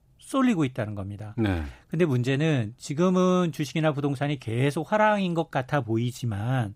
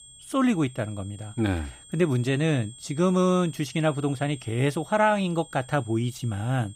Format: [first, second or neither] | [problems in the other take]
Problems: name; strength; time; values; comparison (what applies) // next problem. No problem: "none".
first | high-pitched whine; noticeable; throughout; 8.5 kHz, 20 dB below the speech